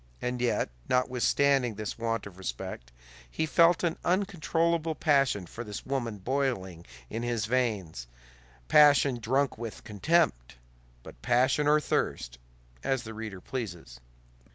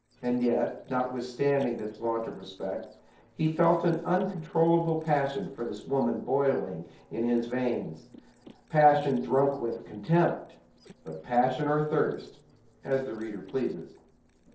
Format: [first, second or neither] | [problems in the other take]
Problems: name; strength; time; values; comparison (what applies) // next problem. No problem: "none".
first | noise reduction (neural separator model SepFormer DNS4)